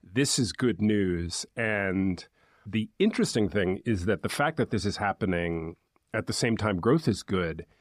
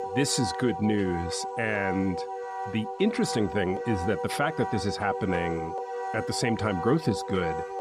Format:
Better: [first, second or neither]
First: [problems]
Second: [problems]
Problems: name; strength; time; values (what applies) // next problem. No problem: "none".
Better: first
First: none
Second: background music; loud; throughout; 6 dB below the speech